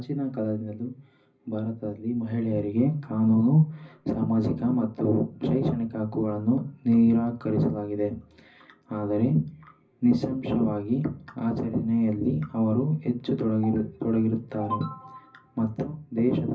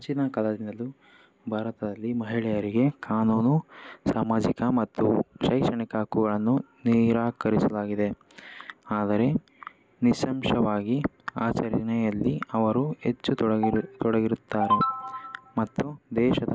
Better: second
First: room echo; dies away in 0.4 s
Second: none

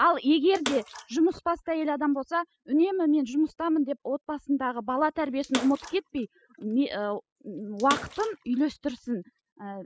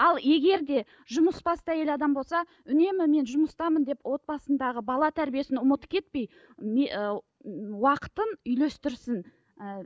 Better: second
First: noise reduction (classical method spectral subtraction)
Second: none

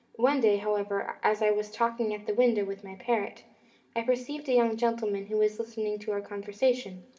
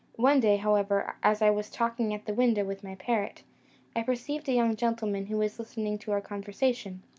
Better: second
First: room echo; dies away in 0.5 s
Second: none

